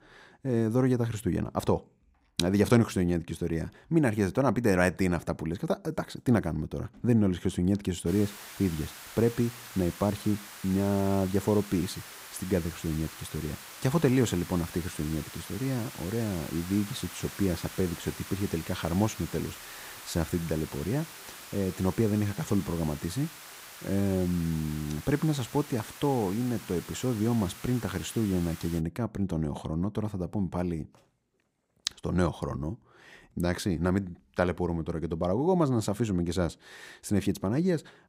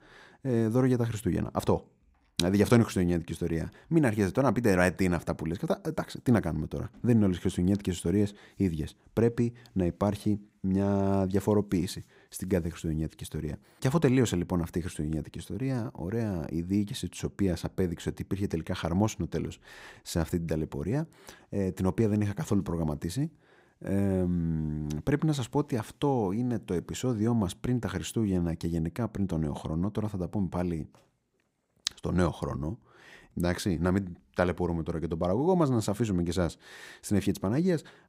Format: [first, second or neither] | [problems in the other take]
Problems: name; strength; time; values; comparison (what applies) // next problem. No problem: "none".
second | hiss; noticeable; from 8 to 29 s; 15 dB below the speech